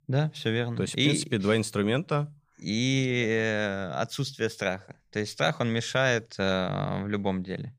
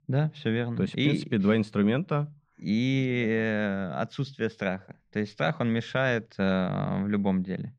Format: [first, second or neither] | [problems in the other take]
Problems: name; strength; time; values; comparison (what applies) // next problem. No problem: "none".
first | muffled; slightly; fading above 3 kHz